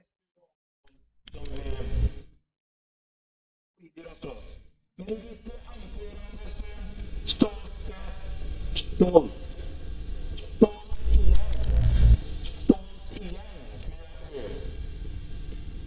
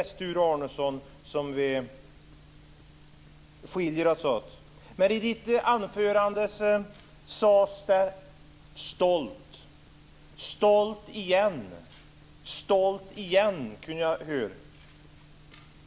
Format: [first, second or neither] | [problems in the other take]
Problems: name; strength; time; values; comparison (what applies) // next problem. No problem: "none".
second | noise reduction (neural mask model DeepFilterNet 3)